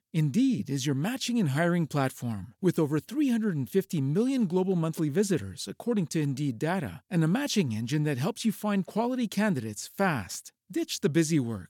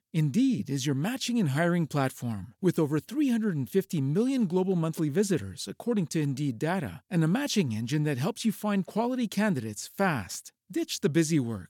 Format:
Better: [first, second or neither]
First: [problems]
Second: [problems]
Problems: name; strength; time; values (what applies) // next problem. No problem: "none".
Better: neither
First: none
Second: none